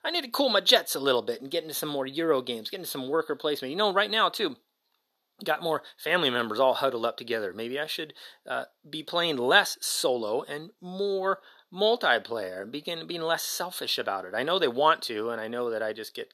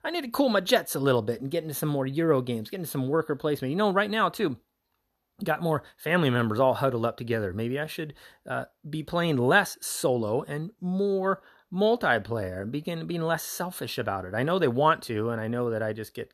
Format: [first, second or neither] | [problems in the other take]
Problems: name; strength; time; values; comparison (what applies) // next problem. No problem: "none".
second | thin; somewhat; fading below 350 Hz